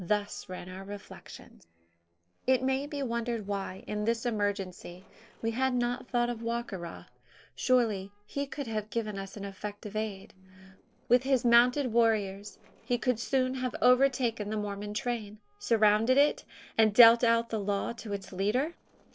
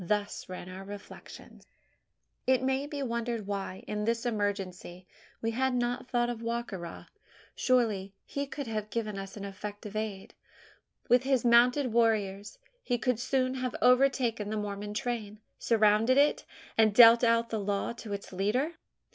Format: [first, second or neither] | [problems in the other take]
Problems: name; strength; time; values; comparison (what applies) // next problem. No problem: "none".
second | noise reduction (neural separator model SepFormer DNS4)